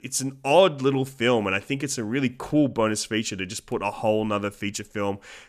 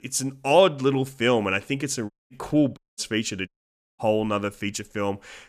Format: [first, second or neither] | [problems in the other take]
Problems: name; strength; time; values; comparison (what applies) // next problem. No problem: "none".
first | audio cutting out; at 2 s, at 3 s and at 3.5 s for 0.5 s